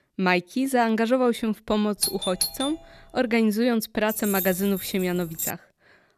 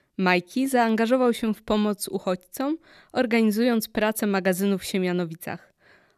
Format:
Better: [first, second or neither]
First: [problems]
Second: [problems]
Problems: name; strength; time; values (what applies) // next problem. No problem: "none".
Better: second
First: doorbell; noticeable; at 2 s; peak 1 dB below the speech // jangling keys; noticeable; from 4 to 5.5 s; peak 4 dB below the speech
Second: none